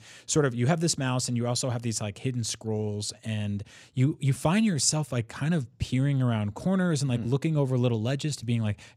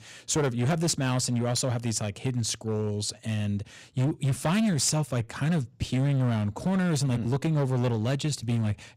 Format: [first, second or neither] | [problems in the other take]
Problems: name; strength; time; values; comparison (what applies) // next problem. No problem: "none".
first | distortion; slight; 13% of the sound clipped